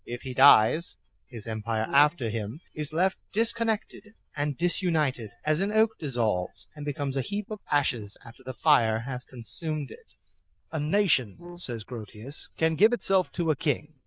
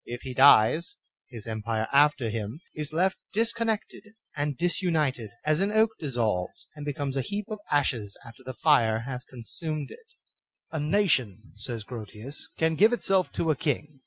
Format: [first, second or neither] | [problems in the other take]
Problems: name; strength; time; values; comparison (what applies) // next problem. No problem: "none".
second | noise reduction (neural diffusion model UNIVERSE++)